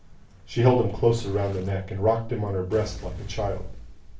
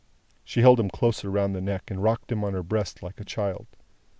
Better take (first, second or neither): second